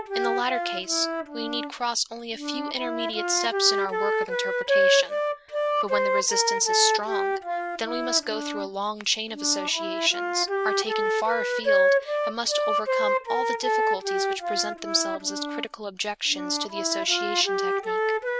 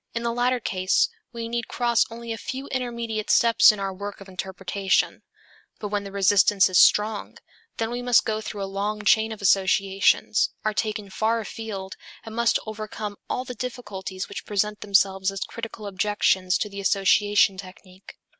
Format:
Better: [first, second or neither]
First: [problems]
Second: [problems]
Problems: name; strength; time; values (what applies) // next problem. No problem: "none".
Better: second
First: background sound (Wind instrument, woodwind instrument); 3 dB above the speech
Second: none